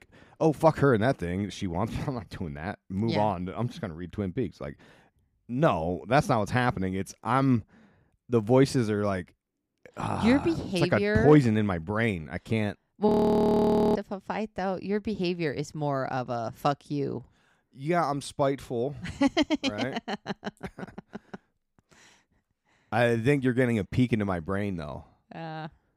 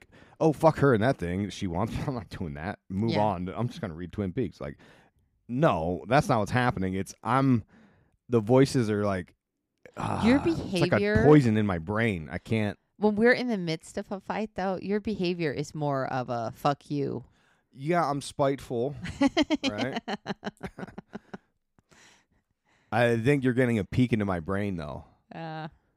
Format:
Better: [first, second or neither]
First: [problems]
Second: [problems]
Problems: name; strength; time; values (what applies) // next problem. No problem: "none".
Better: second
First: audio freezing; at 13 s for 1 s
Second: none